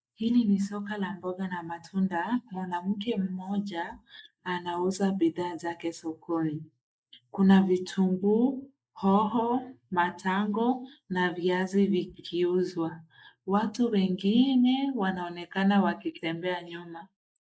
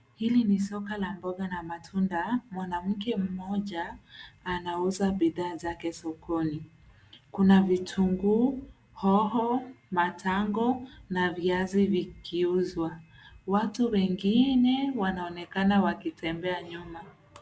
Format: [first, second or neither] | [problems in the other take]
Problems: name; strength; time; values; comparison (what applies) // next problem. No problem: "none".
second | noise reduction (neural mask model Resemble Enhance denoiser)